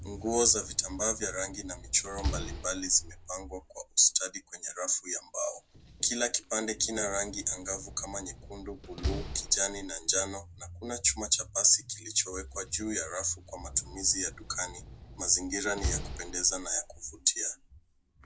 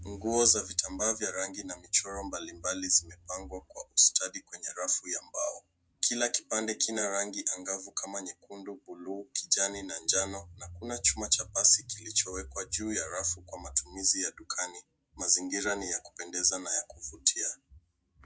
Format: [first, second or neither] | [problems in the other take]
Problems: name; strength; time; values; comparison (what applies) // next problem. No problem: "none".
second | background sound (Slam); 11 dB below the speech